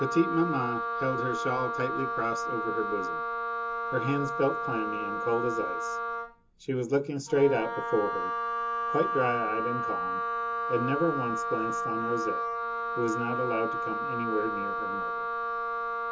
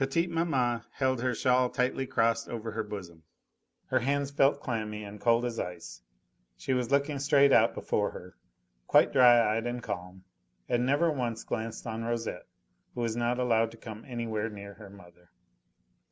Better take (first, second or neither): second